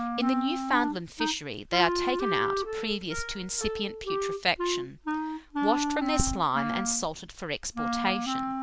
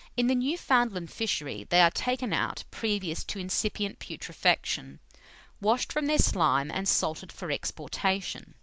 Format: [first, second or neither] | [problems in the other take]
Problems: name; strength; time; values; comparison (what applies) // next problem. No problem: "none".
second | background sound (Wind instrument, woodwind instrument); 1 dB below the speech